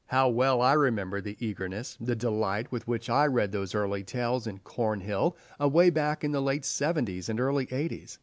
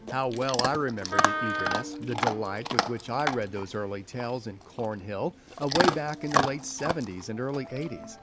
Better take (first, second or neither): first